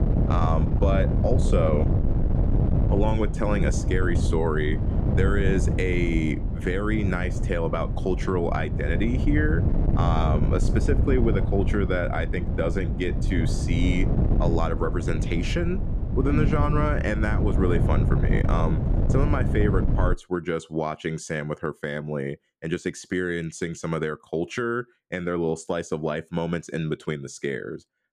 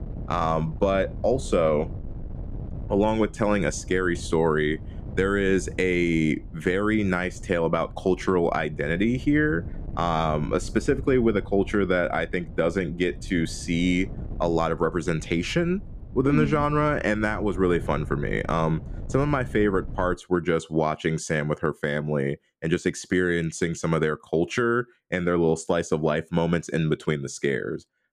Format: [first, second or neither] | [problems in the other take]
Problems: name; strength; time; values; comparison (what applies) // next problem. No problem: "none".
second | wind noise on the microphone; heavy; until 20 s; 6 dB below the speech; occasional gusts in the second